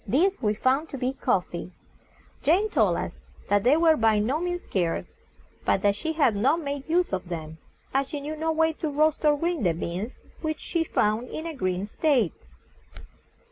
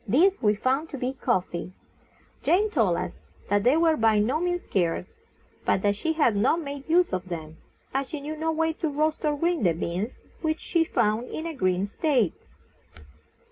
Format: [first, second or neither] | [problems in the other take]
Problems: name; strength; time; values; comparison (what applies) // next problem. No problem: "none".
first | room echo; dies away in 0.3 s